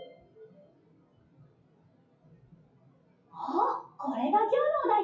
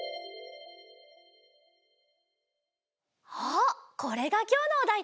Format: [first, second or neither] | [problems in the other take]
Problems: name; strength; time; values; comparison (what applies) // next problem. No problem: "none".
second | noise reduction (classical method WPE with log-MMSE)